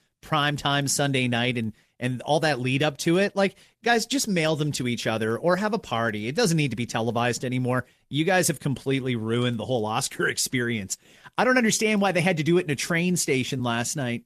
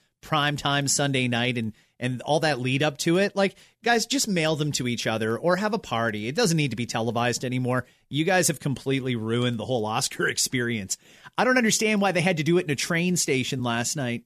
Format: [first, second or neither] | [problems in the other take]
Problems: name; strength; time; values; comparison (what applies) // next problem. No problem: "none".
second | garbled, watery; slightly; nothing above 14 kHz